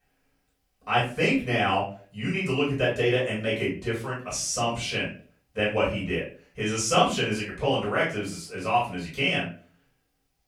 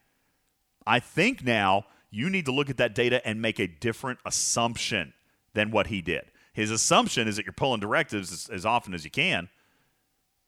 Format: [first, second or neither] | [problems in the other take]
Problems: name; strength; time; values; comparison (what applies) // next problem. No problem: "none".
second | off-mic speech; far // room echo; slight; dies away in 0.3 s